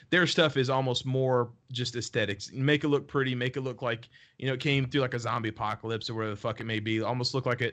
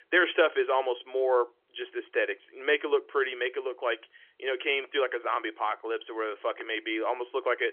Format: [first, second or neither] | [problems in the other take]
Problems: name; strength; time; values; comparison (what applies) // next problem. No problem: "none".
first | phone-call audio; nothing above 3.5 kHz